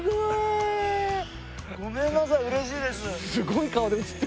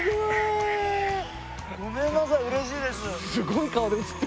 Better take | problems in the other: first | background sound (Bird / Fowl); 11 dB below the speech

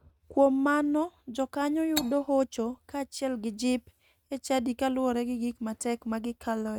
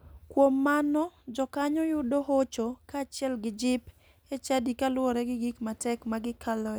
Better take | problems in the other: second | noise reduction (neural mask model RNNoise)

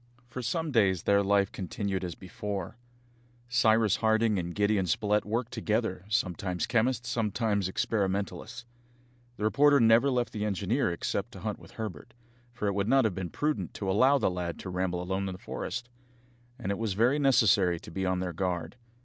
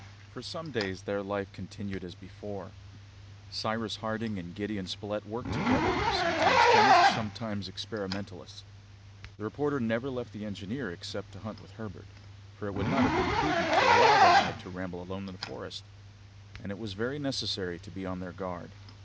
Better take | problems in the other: first | background sound (Zipper (clothing)); 5 dB above the speech

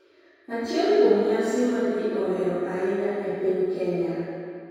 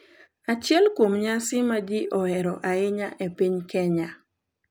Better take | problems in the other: second | room echo; dies away in 2.2 s

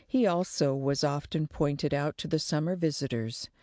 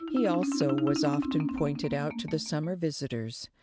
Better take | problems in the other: first | background sound (Marimba, xylophone); 2 dB below the speech

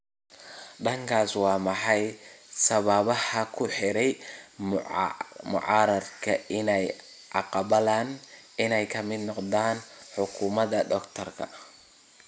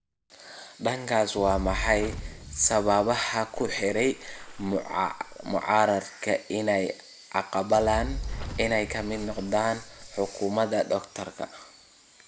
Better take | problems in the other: first | background sound (Fire + Water / Splash, splatter); 12 dB below the speech

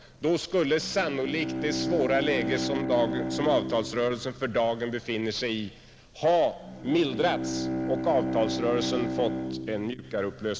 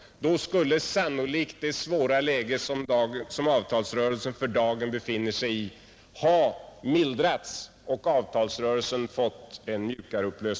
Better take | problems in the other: second | background sound (Bowed string instrument); 5 dB below the speech

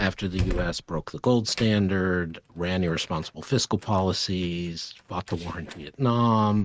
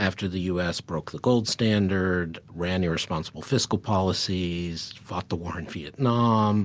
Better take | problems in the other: second | noise reduction (neural mask model RNNoise)

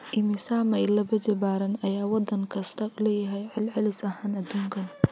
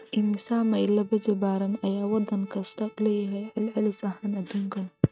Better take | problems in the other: first | noise reduction (neural mask model RNNoise)

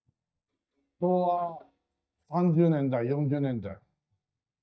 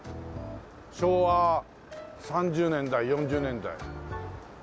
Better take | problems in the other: second | noise reduction (neural mask model DeepFilterNet 3)

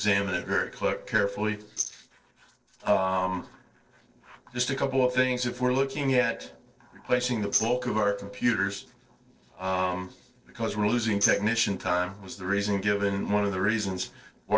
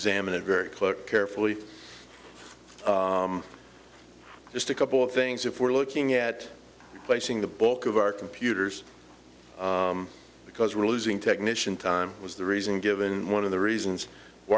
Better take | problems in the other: second | noise reduction (neural separator model SepFormer DNS4)

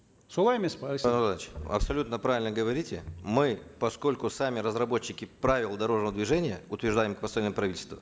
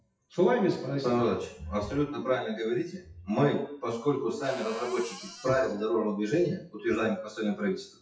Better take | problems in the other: first | noise reduction (classical method WPE with log-MMSE)

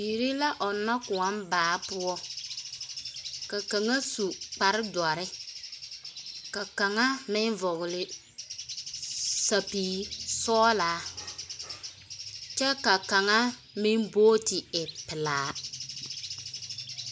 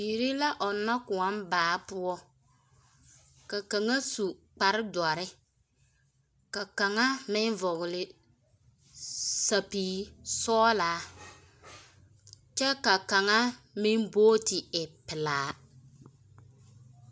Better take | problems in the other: second | background sound (Bird); 11 dB below the speech

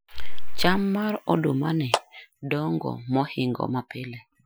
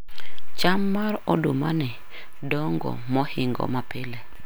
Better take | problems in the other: second | noise reduction (classical method Wiener filter)

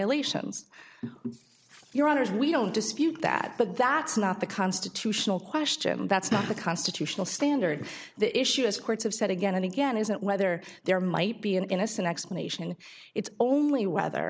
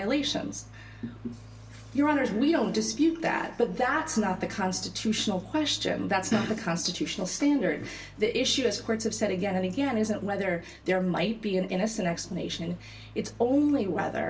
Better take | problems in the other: first | background sound (Accelerating, revving, vroom); 19 dB below the speech // room echo; dies away in 0.2 s

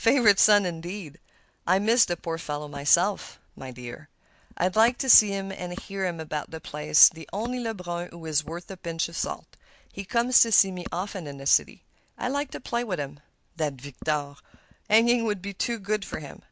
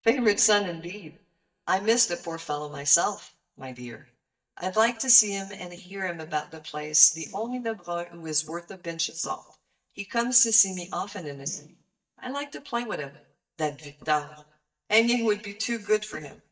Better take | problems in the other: first | noise reduction (neural mask model DeepFilterNet 3)

